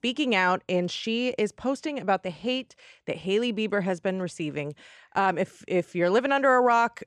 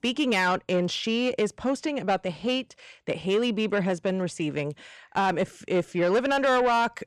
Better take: first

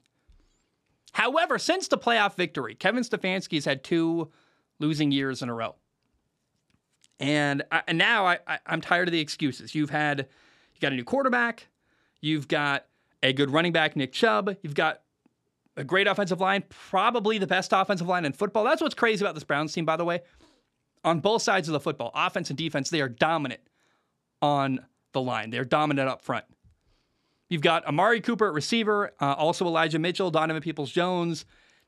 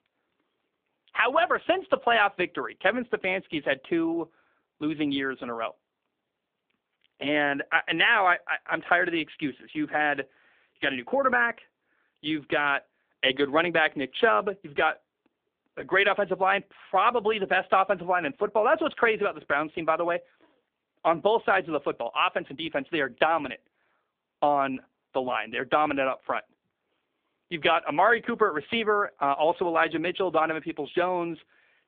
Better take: first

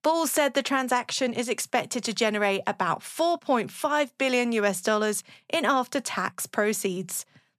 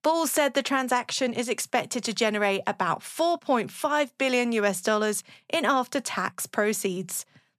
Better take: neither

